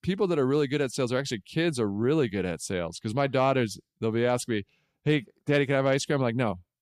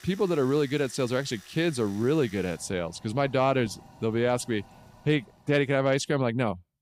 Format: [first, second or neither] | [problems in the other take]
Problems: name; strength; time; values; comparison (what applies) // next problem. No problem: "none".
first | household noises; faint; until 5.5 s; 25 dB below the speech